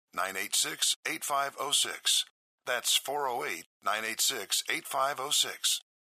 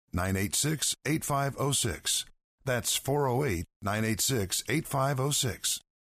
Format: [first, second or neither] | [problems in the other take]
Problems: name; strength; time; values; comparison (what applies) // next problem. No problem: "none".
second | thin; very; fading below 650 Hz